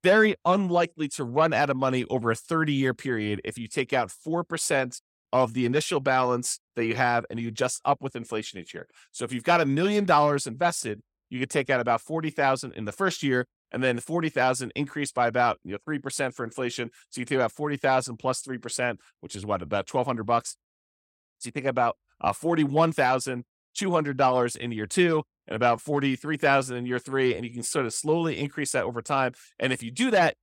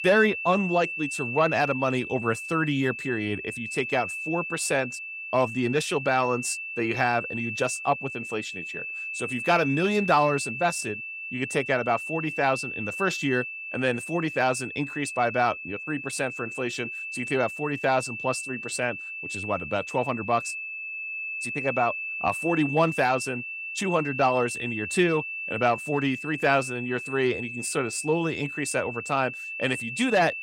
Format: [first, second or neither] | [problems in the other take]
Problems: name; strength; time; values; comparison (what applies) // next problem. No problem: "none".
first | high-pitched whine; loud; throughout; 2.5 kHz, 6 dB below the speech